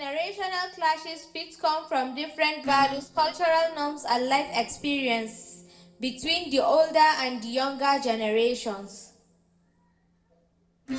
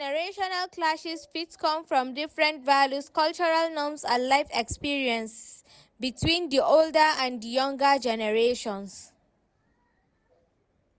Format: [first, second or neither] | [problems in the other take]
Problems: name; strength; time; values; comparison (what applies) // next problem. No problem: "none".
second | noise reduction (neural separator model SepFormer DNS4)